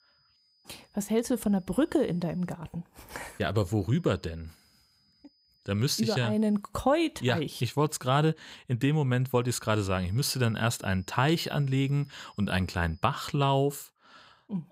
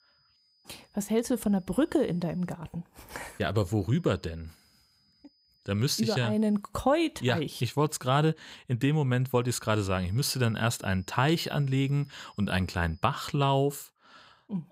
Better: neither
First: high-pitched whine; faint; until 2.5 s, from 4 to 6.5 s and from 9.5 to 13 s; 5 kHz, 35 dB below the speech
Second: high-pitched whine; faint; until 2.5 s, from 4 to 6.5 s and from 9.5 to 13 s; 5 kHz, 35 dB below the speech

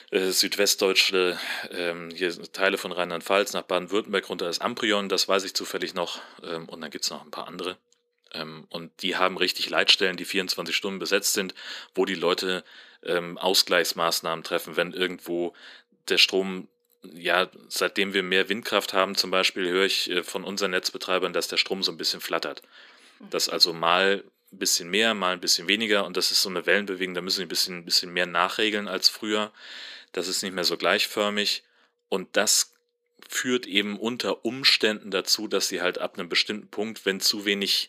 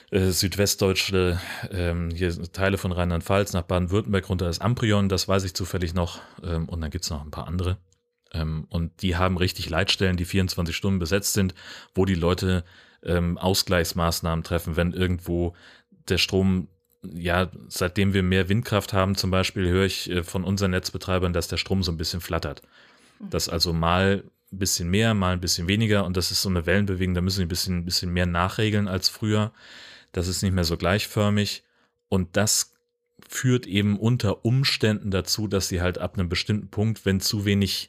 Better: second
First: thin; somewhat; fading below 250 Hz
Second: none

